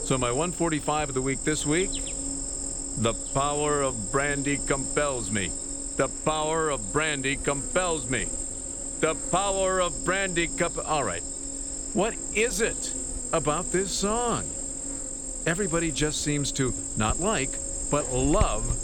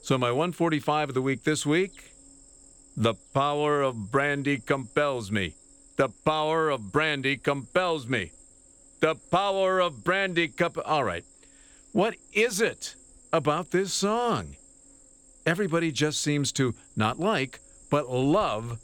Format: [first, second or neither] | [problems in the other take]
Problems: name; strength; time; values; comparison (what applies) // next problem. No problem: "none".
second | animal sounds; loud; throughout; 3 dB below the speech; faint in the second